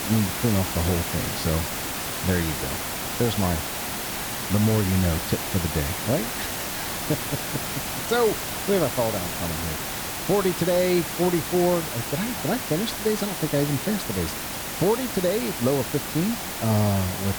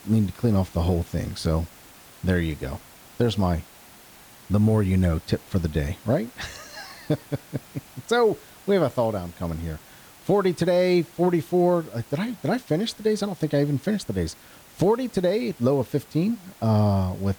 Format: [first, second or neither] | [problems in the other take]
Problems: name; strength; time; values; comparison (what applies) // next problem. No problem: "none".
second | hiss; loud; throughout; 3 dB below the speech; faint in the second